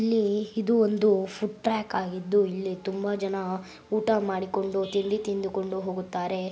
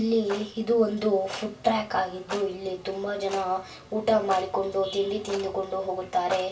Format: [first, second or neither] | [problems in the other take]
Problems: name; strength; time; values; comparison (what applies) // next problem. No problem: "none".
first | background sound (Clock); 16 dB below the speech // room echo; dies away in 0.2 s